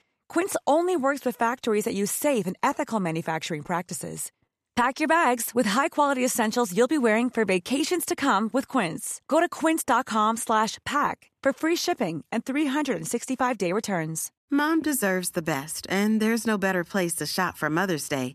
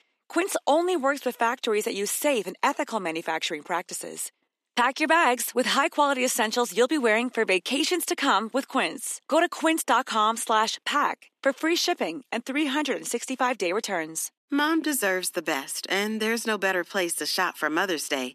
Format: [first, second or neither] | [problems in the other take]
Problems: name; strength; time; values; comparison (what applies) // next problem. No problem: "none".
first | thin; very slightly; fading below 250 Hz